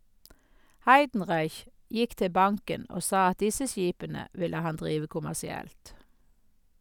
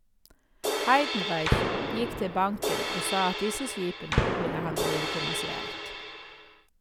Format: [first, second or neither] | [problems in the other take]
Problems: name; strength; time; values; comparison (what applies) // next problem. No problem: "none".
first | background sound (Crash cymbal + Gunshot, gunfire); 1 dB above the speech